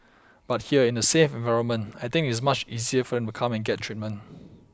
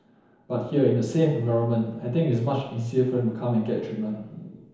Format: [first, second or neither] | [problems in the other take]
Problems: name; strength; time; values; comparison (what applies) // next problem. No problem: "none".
first | room echo; dies away in 1 s